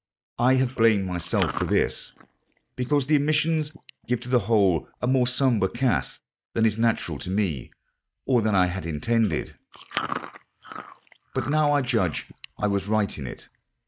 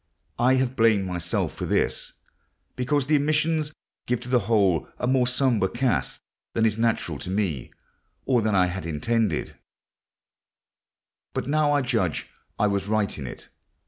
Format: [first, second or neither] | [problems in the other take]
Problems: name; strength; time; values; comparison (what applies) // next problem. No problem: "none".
second | noise reduction (neural mask model DeepFilterNet 3)